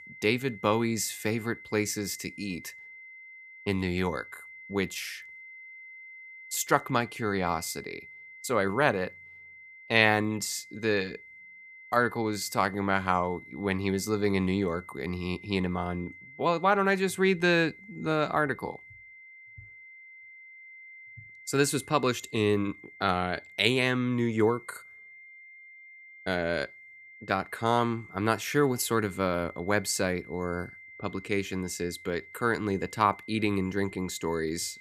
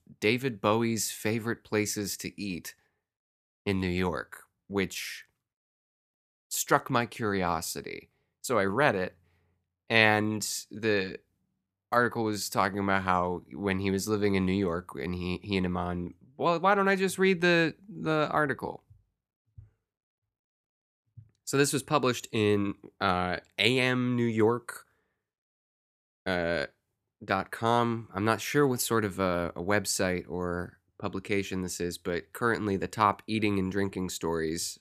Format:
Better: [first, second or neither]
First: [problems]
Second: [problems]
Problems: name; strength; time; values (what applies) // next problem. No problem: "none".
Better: second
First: high-pitched whine; noticeable; throughout; 2 kHz, 20 dB below the speech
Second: none